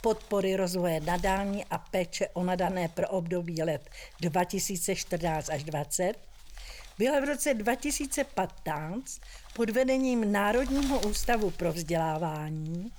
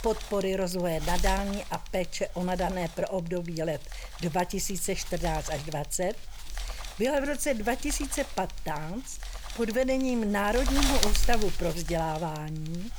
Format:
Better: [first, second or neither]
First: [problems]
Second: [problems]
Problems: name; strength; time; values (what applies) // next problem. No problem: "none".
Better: first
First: wind noise on the microphone; occasional gusts; 20 dB below the speech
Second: wind noise on the microphone; heavy; 7 dB below the speech